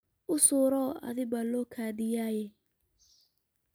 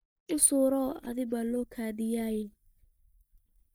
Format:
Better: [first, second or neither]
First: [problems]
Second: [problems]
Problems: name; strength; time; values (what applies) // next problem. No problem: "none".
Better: first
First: none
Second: noise reduction (neural mask model DeepFilterNet 3)